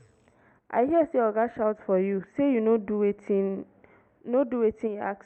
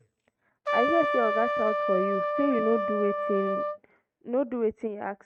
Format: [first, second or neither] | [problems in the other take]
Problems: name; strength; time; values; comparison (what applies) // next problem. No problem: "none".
first | noise reduction (neural mask model RNNoise)